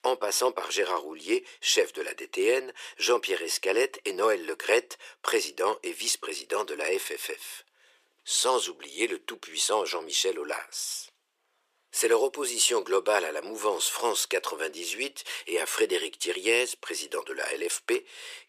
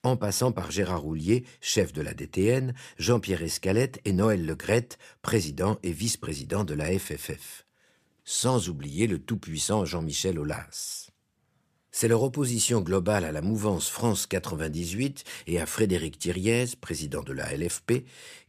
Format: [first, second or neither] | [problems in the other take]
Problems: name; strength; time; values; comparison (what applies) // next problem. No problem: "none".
second | thin; very; fading below 350 Hz